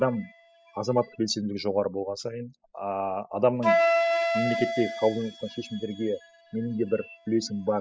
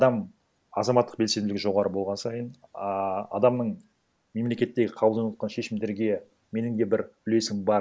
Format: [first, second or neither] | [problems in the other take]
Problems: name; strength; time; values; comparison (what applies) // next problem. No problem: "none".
second | noise reduction (classical method spectral subtraction)